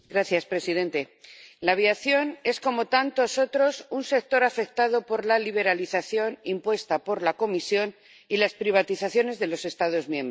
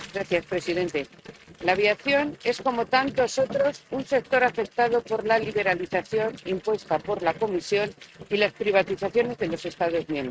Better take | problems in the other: first | noise reduction (neural mask model RNNoise)

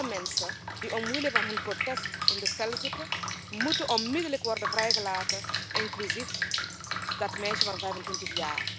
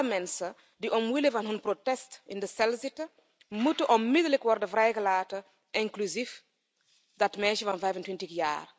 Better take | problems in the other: second | background sound (Drip); 2 dB above the speech

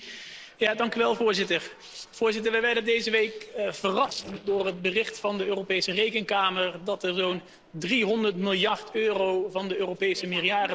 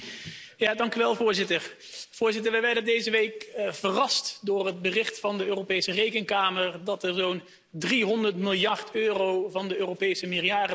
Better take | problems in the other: second | noise reduction (neural separator model SepFormer DNS4)

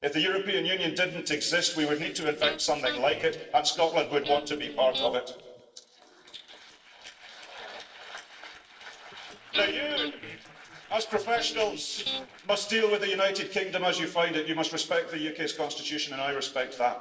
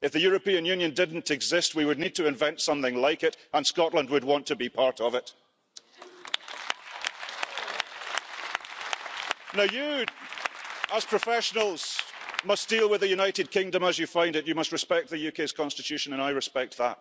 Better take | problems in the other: second | noise reduction (neural separator model SepFormer DNS4)

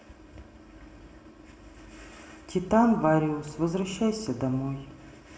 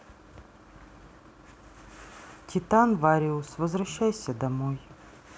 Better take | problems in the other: second | room echo; dies away in 1.1 s

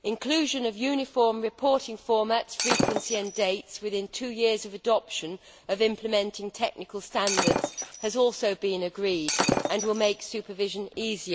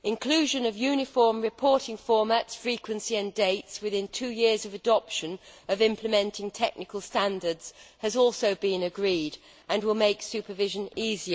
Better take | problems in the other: second | background sound (Shatter); 3 dB below the speech

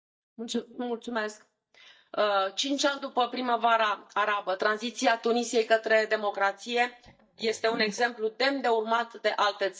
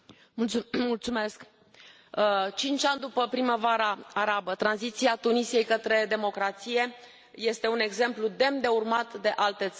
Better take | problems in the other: second | noise reduction (neural mask model DeepFilterNet 3)

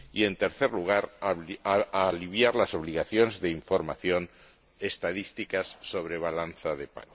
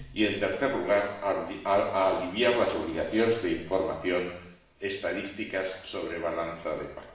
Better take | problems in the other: first | room echo; dies away in 0.7 s

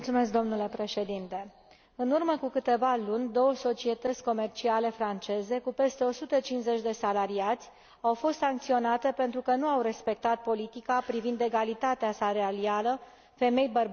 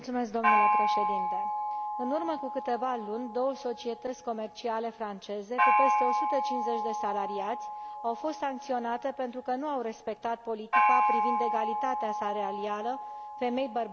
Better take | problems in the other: first | background sound (Gong); 3 dB above the speech

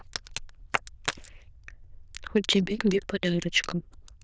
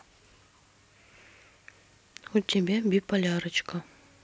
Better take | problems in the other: second | noise reduction (neural diffusion model UNIVERSE++)

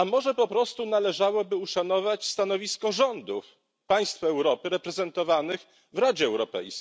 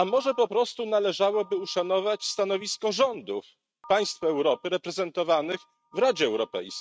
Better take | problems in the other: first | noise reduction (neural mask model RNNoise)

